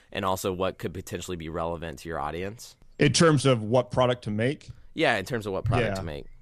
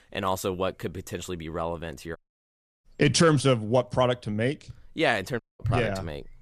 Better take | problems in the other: first | audio cutting out; at 2 s for 0.5 s and at 5.5 s

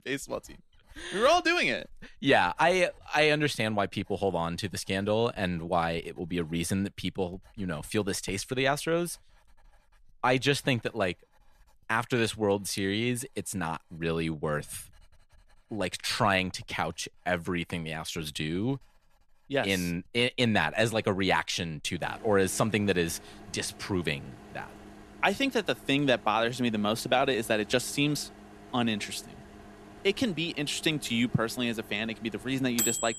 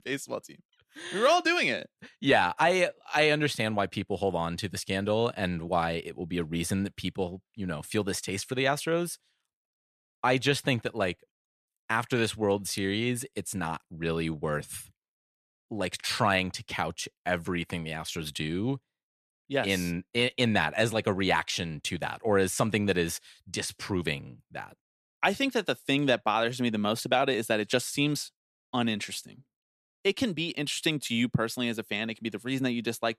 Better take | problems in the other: second | household noises; noticeable; throughout; 15 dB below the speech

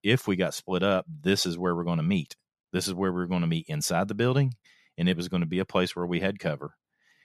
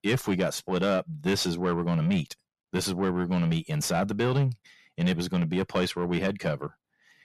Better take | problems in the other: first | distortion; slight; 10 dB below the speech

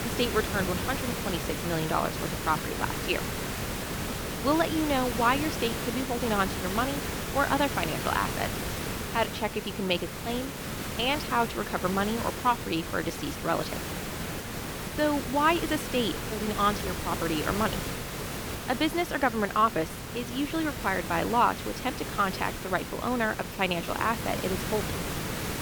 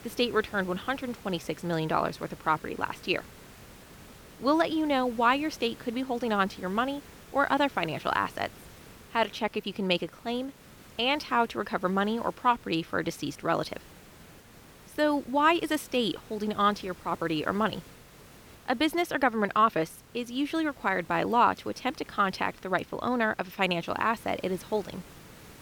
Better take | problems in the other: second | hiss; loud; throughout; 4 dB below the speech; faint in the second

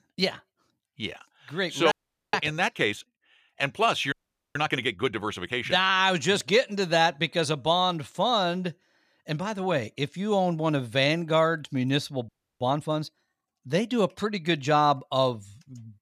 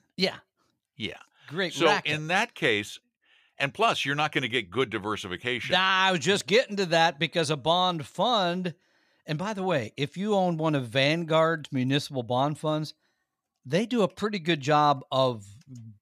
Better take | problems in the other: second | audio freezing; at 2 s, at 4 s and at 12 s

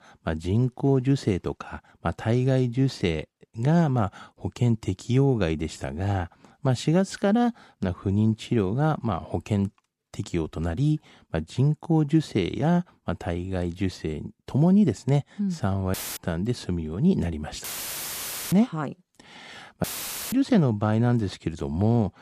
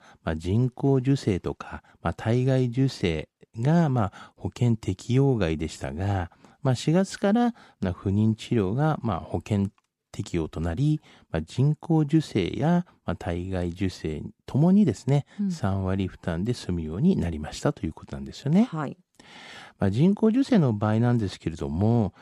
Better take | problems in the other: second | audio cutting out; filled with static; at 16 s, at 18 s for 1 s and at 20 s

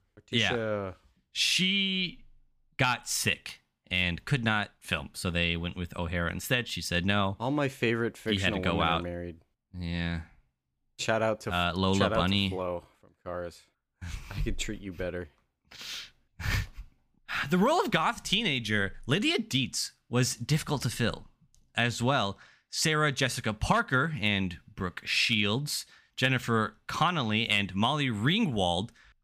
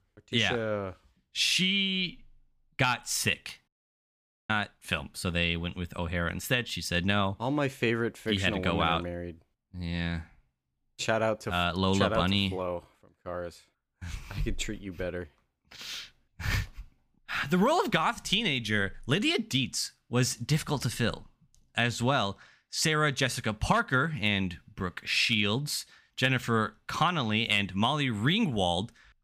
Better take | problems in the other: first | audio cutting out; at 3.5 s for 1 s

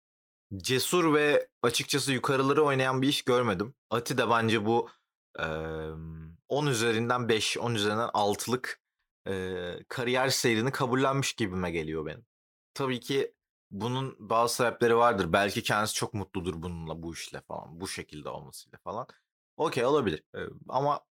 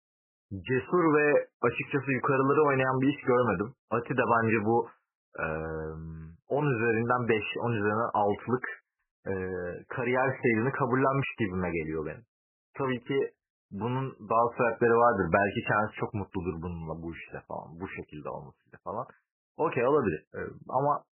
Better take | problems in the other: first | garbled, watery; badly; nothing above 3 kHz

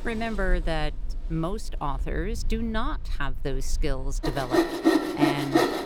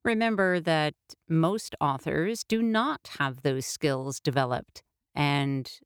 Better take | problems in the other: second | machinery noise; very loud; throughout; 3 dB above the speech

